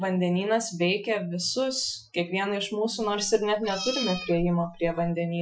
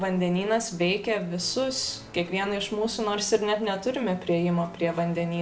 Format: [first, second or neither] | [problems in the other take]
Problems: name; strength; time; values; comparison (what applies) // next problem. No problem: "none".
second | noise reduction (classical method Wiener filter)